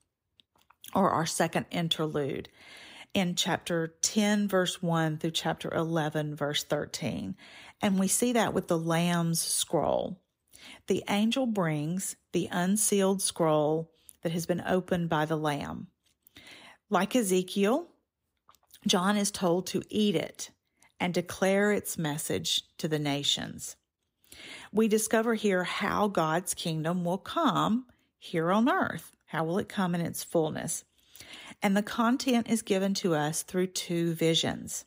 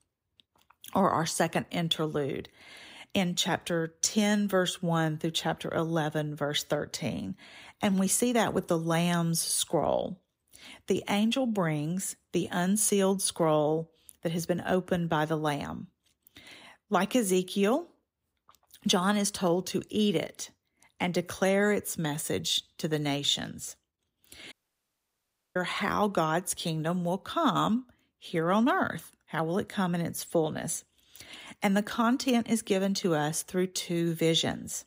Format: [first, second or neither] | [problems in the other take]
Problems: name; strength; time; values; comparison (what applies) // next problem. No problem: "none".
first | audio cutting out; at 25 s for 1 s